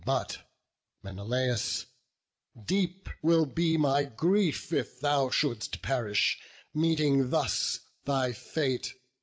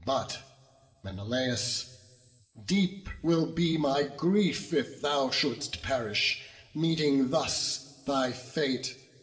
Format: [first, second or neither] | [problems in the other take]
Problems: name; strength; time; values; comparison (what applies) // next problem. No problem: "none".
first | room echo; dies away in 2.6 s